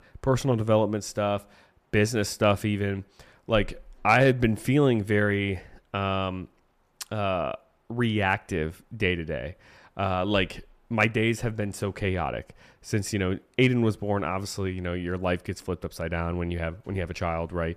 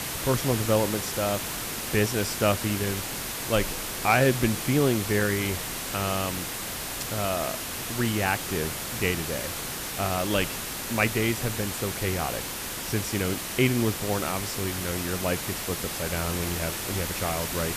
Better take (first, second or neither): first